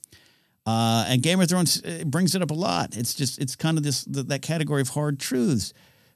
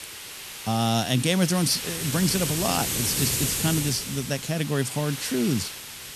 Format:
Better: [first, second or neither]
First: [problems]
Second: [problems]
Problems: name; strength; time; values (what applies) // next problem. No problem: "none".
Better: first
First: none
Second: hiss; loud; throughout; 3 dB below the speech